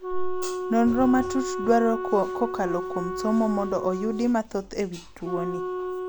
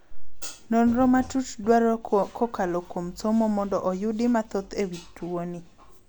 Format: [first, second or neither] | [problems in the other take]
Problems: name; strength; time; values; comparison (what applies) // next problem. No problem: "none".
second | background sound (Wind instrument, woodwind instrument); 6 dB below the speech